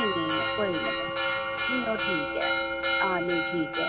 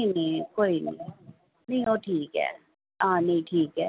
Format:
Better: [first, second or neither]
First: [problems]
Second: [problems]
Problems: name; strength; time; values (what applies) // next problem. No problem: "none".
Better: second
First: background sound (Church bell); 3 dB above the speech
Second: none